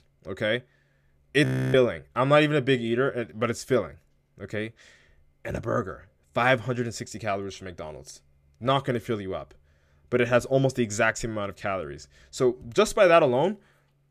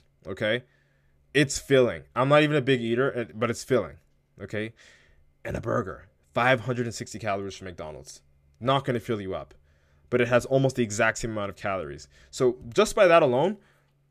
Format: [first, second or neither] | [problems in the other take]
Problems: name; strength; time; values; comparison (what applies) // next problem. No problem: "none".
second | audio freezing; at 1.5 s